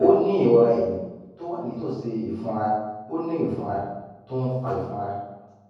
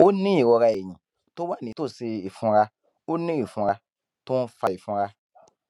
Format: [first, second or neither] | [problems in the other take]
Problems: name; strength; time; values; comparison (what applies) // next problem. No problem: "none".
second | room echo; dies away in 1.3 s